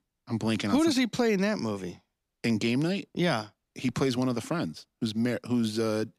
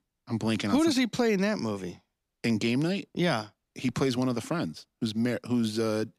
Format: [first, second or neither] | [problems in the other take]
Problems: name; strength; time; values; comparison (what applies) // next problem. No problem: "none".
neither | none